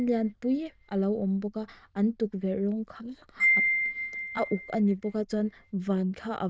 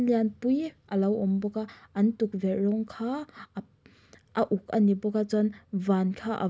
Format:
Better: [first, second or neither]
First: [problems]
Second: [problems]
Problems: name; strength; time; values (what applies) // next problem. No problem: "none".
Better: second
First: noise reduction (neural diffusion model UNIVERSE++)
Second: none